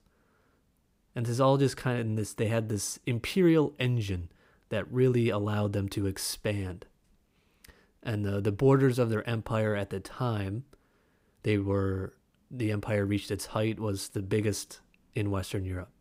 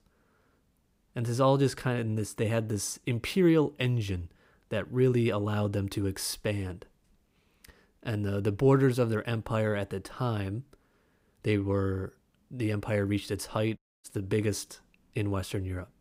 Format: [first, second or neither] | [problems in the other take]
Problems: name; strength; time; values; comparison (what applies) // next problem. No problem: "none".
first | audio cutting out; at 14 s